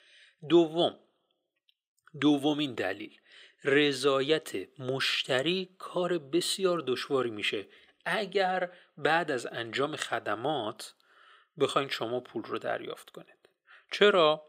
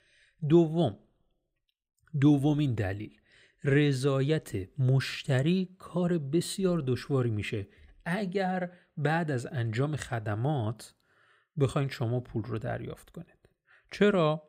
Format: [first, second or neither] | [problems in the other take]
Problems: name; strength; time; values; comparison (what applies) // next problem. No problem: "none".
second | thin; somewhat; fading below 400 Hz